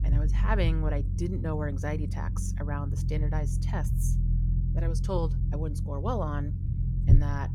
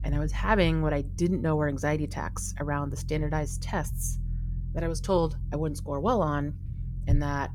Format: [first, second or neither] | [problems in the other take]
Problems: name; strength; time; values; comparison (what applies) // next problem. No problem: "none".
second | low rumble; loud; throughout; 7 dB below the speech; faint in the second